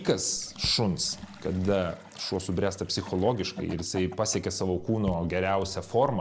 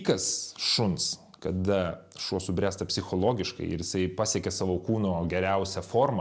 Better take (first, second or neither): second